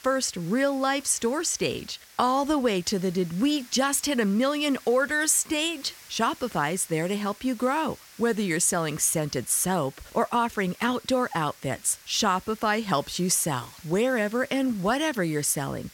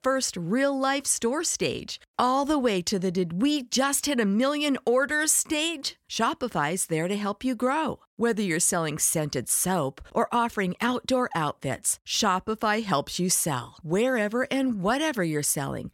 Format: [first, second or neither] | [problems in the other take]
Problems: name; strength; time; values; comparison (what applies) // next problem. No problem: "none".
second | hiss; faint; throughout; 20 dB below the speech